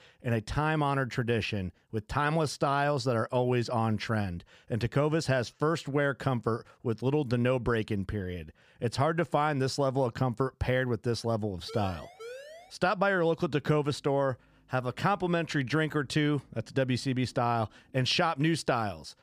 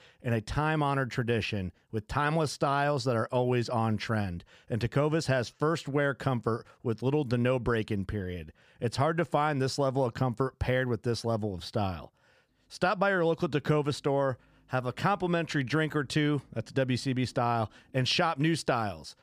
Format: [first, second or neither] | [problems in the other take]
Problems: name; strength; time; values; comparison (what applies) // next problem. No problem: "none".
second | siren; faint; from 12 to 13 s; peak 15 dB below the speech